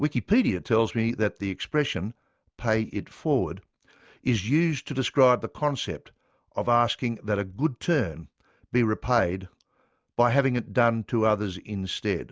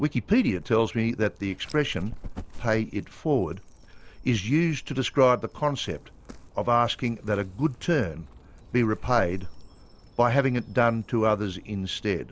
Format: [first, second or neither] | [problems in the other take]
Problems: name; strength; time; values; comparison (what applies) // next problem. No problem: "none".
first | background sound (Dog); 15 dB below the speech